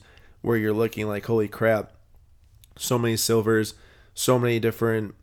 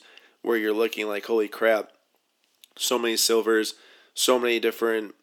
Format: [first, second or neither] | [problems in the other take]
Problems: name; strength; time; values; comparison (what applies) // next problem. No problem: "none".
first | thin; somewhat; fading below 250 Hz